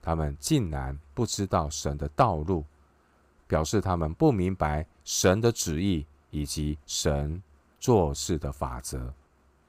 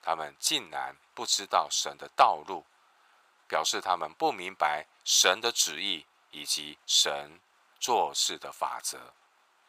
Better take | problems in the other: first | thin; very; fading below 850 Hz

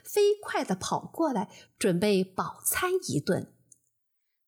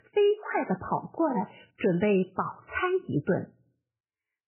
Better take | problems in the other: first | garbled, watery; badly; nothing above 3 kHz

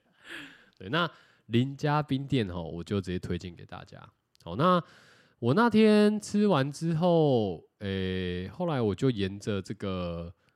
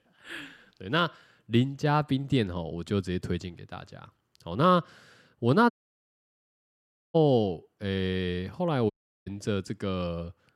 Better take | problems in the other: first | audio cutting out; at 5.5 s for 1.5 s and at 9 s

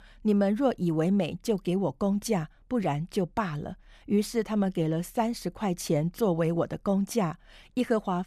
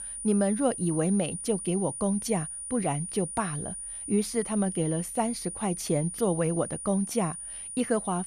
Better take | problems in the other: first | high-pitched whine; loud; throughout; 9.5 kHz, 6 dB below the speech

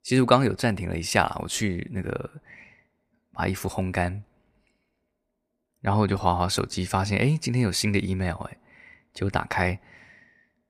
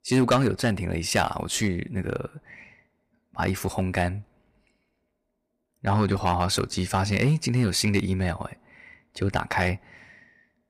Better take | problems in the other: first | distortion; slight; 1.6% of the sound clipped

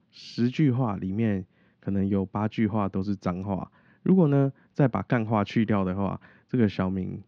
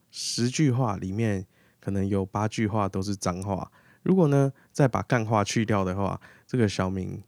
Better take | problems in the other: second | muffled; slightly; fading above 3.5 kHz

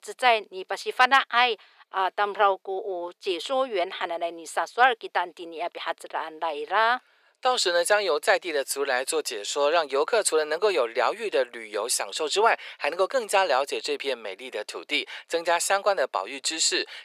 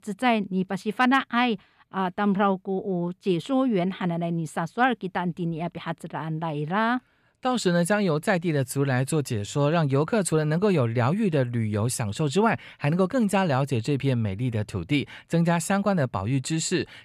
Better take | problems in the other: second | thin; very; fading below 400 Hz

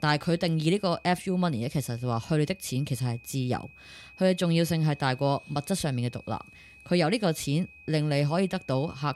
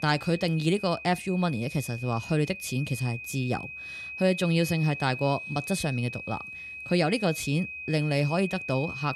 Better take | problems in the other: first | high-pitched whine; loud; throughout; 2.5 kHz, 9 dB below the speech; faint in the first

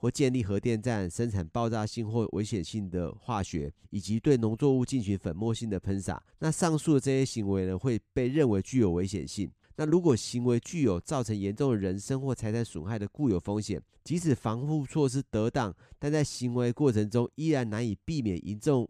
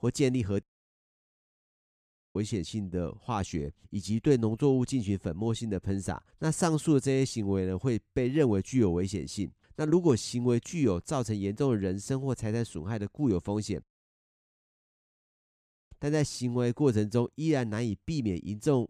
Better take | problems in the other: first | audio cutting out; at 0.5 s for 1.5 s and at 14 s for 2 s

